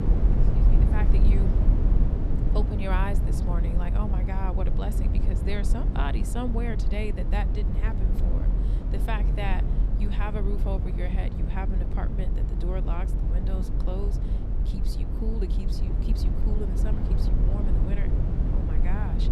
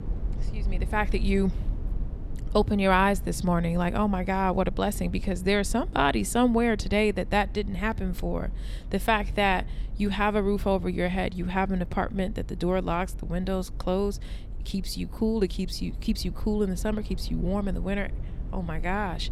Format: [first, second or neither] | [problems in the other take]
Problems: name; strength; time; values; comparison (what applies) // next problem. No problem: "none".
second | low rumble; loud; throughout; 3 dB below the speech; faint in the second